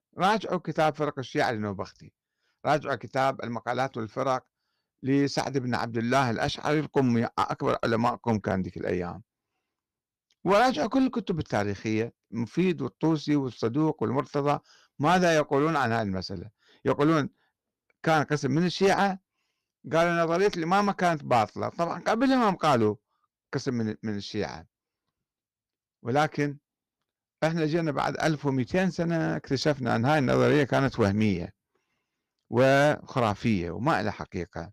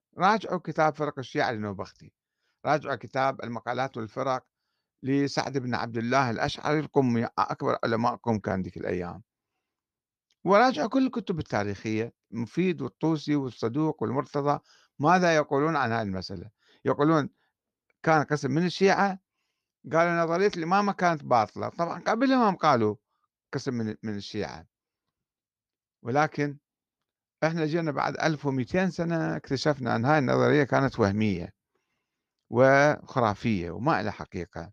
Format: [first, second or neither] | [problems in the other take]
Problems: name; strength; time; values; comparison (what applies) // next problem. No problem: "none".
second | distortion; slight; 4% of the sound clipped